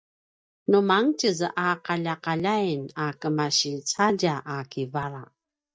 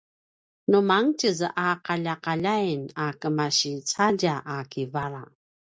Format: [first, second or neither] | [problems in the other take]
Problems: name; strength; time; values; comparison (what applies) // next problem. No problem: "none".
second | noise reduction (neural mask model DeepFilterNet 3)